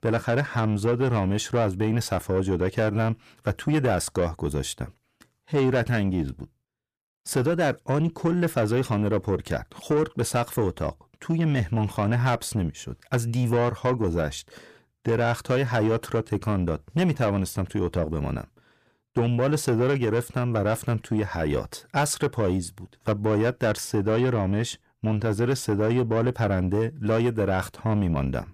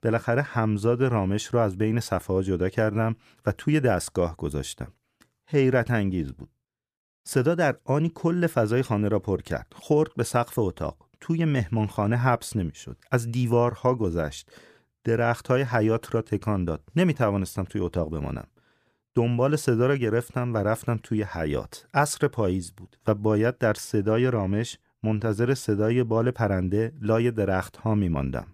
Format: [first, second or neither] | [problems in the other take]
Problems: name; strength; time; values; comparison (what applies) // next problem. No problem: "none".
second | distortion; slight; 10 dB below the speech